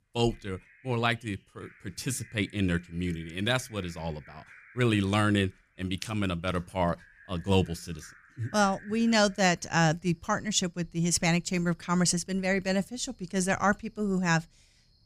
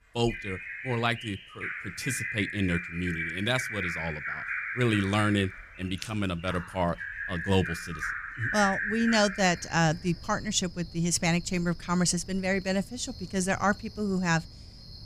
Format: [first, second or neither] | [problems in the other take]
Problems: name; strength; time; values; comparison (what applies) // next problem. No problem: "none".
first | animal sounds; loud; throughout; 7 dB below the speech; faint in the first